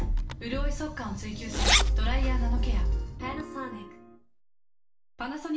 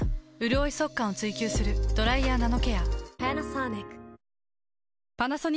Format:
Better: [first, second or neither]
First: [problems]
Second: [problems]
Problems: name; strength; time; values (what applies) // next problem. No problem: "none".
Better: second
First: background sound (Zipper (clothing)); 4 dB below the speech // room echo; dies away in 0.4 s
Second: none